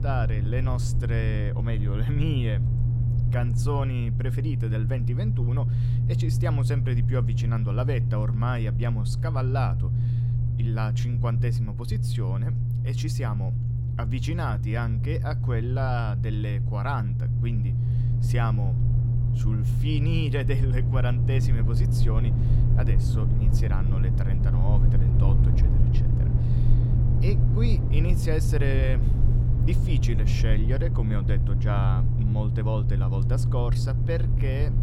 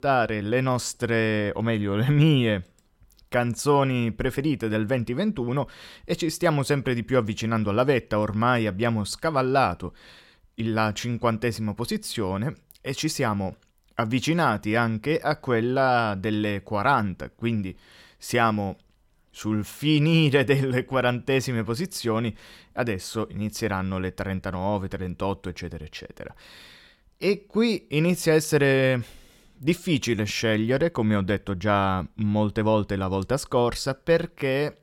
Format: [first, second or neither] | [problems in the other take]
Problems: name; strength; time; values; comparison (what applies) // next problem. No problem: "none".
second | low rumble; loud; throughout; 2 dB below the speech